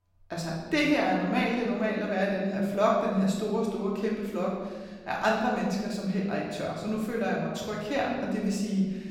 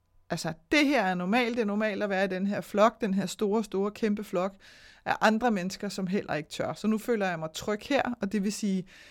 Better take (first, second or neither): second